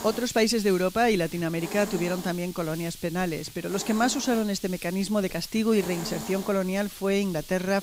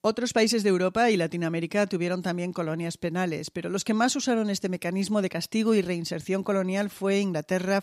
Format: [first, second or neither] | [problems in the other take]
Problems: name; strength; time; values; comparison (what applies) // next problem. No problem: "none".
second | hiss; noticeable; throughout; 15 dB below the speech